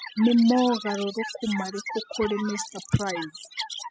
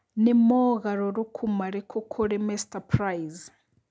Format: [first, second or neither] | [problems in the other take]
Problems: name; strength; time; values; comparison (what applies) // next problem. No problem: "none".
second | noise reduction (classical method spectral subtraction)